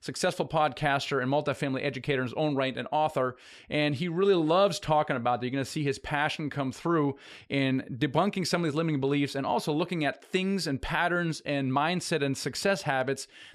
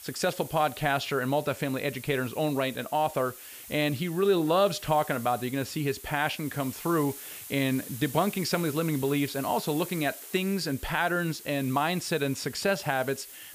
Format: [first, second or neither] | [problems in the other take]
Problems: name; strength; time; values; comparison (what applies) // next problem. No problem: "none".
first | hiss; noticeable; throughout; 15 dB below the speech